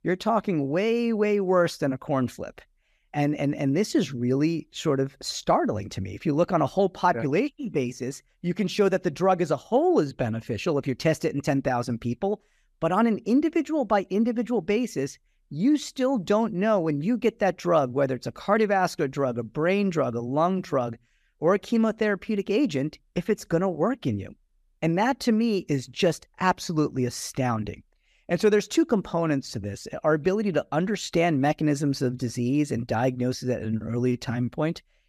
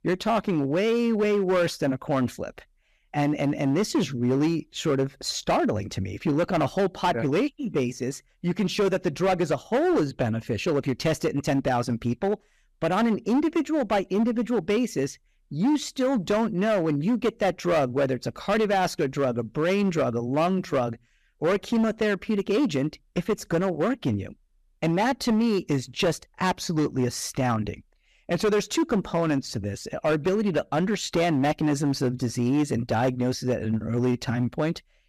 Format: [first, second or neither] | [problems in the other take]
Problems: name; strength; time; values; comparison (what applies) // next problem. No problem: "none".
first | distortion; slight; 11% of the sound clipped